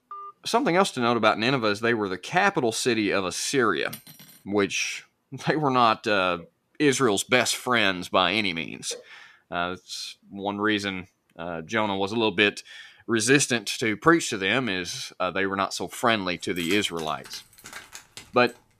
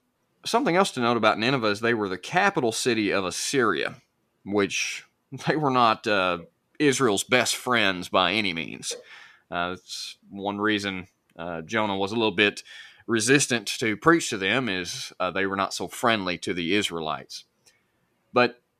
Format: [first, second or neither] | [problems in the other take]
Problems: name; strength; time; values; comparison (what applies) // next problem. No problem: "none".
second | phone ringing; faint; at the start; peak 15 dB below the speech // clattering dishes; faint; at 4 s; peak 20 dB below the speech // jangling keys; faint; from 16 s on; peak 15 dB below the speech